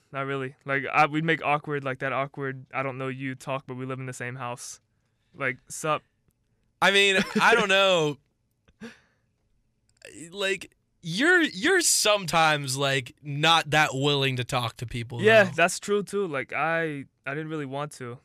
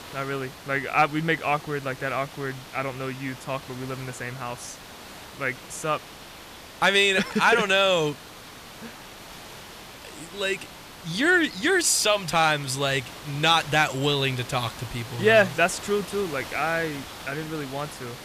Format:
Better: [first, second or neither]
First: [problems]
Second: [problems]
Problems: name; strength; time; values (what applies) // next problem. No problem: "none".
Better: first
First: none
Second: hiss; noticeable; throughout; 15 dB below the speech